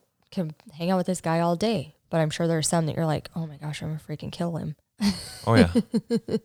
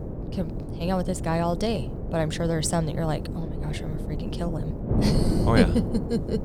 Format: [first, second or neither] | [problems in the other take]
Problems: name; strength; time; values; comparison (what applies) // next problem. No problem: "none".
first | wind noise on the microphone; heavy; 7 dB below the speech